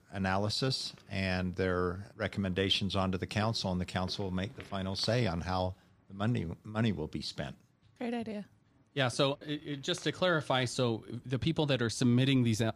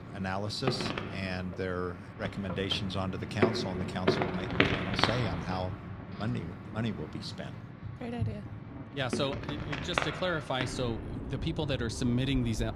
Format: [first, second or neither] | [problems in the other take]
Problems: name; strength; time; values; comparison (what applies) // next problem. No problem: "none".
first | animal sounds; loud; throughout; as loud as the speech; faint in the first